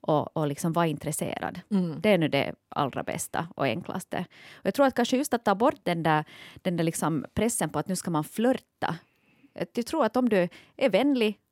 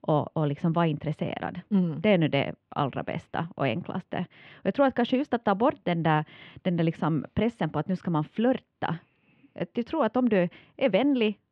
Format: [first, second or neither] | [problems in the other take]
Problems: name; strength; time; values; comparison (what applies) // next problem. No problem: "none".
first | muffled; very; fading above 3 kHz